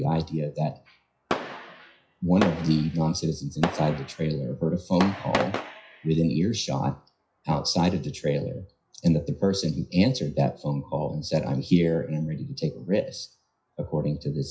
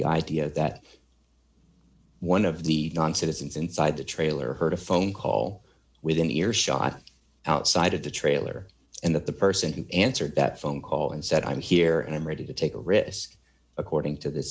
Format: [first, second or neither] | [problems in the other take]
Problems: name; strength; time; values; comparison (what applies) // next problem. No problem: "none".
second | noise reduction (classical method WPE with log-MMSE)